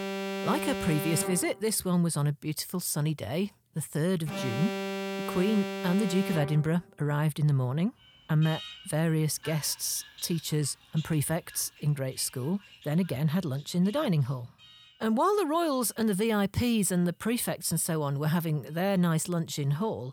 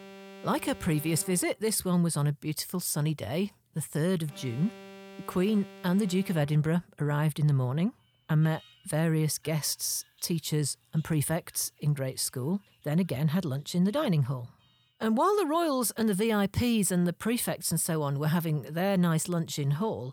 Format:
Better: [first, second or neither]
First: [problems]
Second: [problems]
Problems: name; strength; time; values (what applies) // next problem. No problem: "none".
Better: second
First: alarms or sirens; loud; throughout; 8 dB below the speech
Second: alarms or sirens; faint; throughout; 20 dB below the speech